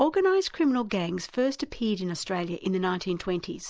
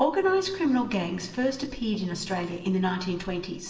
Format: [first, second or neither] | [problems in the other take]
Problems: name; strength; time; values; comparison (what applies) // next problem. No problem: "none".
first | background sound (Strum); 20 dB below the speech // room echo; dies away in 1.1 s